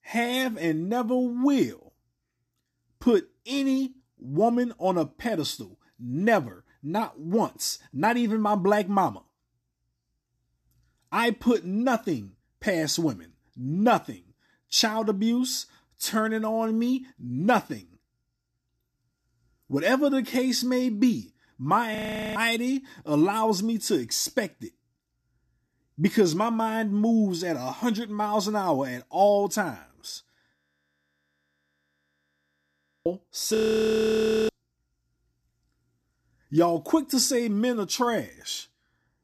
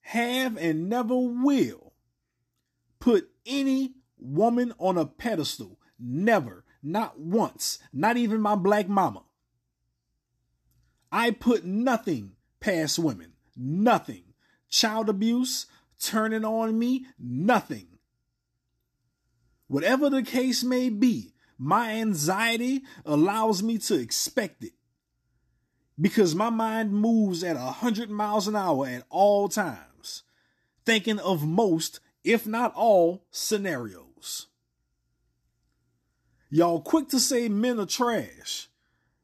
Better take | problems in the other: second | audio freezing; at 22 s, at 31 s for 2.5 s and at 34 s for 1 s

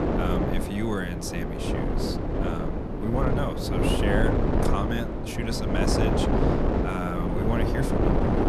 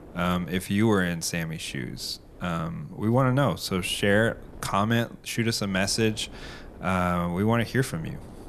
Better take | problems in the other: second | wind noise on the microphone; heavy; 3 dB above the speech; occasional gusts in the second

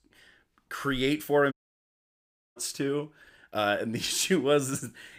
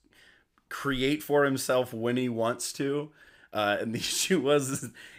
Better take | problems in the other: second | audio cutting out; at 1.5 s for 1 s

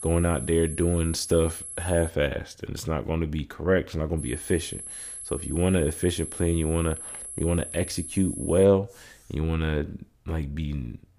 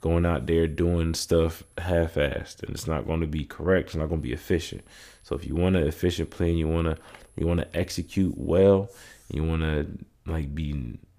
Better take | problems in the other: second | high-pitched whine; loud; until 2 s and from 4 to 8.5 s; 11 kHz, 9 dB below the speech; faint in the second

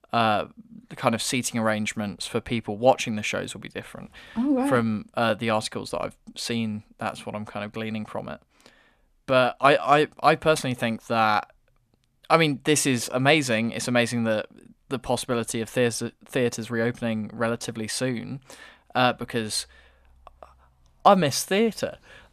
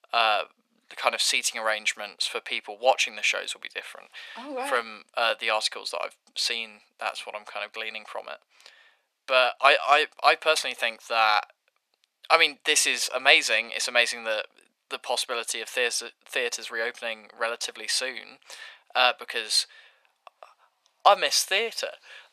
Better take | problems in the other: first | thin; very; fading below 550 Hz

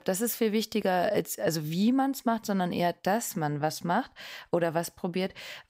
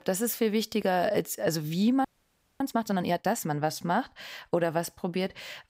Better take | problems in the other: first | audio freezing; at 2 s for 0.5 s

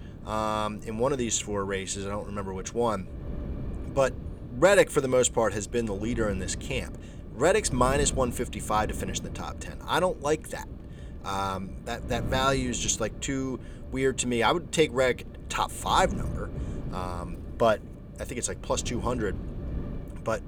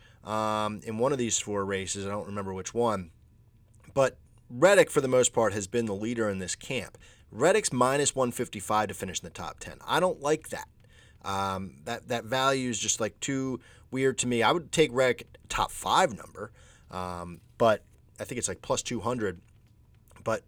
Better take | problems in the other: second | wind noise on the microphone; occasional gusts; 20 dB below the speech

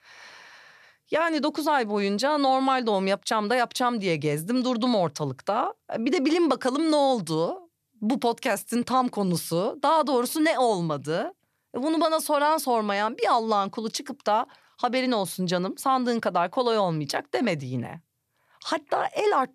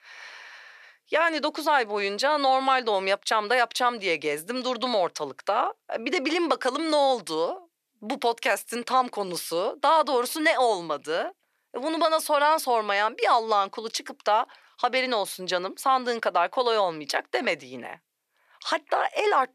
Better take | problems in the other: first | thin; somewhat; fading below 450 Hz

